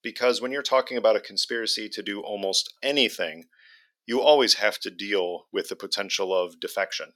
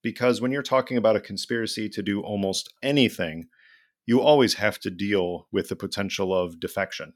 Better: second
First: thin; somewhat; fading below 450 Hz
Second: none

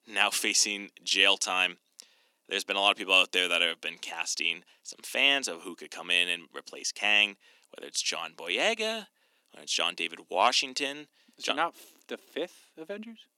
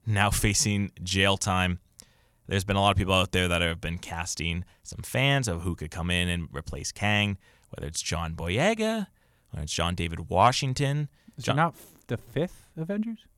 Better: second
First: thin; somewhat; fading below 250 Hz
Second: none

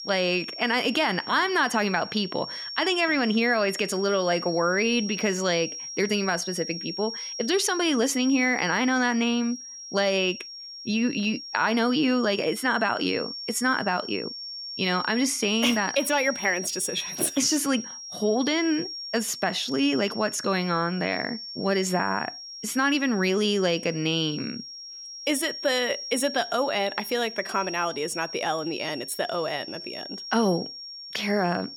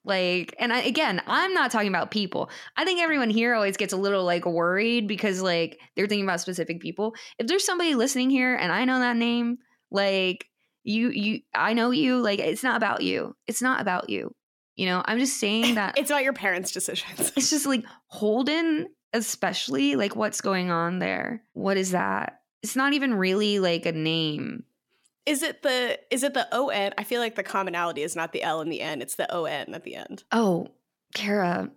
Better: second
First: high-pitched whine; loud; throughout; 5.5 kHz, 10 dB below the speech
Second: none

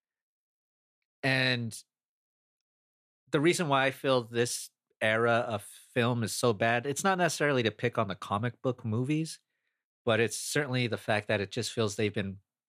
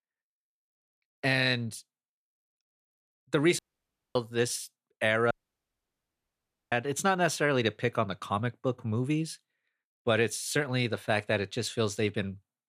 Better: first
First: none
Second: audio cutting out; at 3.5 s for 0.5 s and at 5.5 s for 1.5 s

